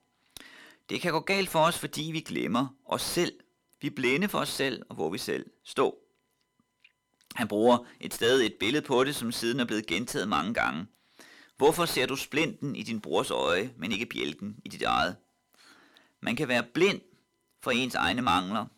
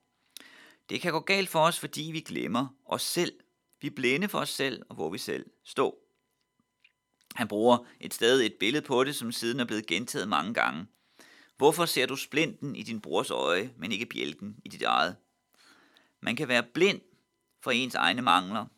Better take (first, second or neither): second